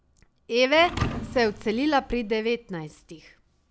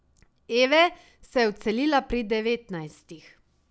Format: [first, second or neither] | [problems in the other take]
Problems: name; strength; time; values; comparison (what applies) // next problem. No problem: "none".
second | background sound (Thump, thud); 10 dB below the speech